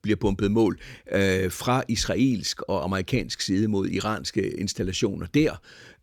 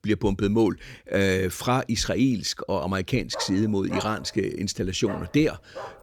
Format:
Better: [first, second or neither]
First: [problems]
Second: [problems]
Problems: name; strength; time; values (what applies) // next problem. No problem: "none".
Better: first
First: none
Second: dog barking; faint; from 3.5 s on; peak 10 dB below the speech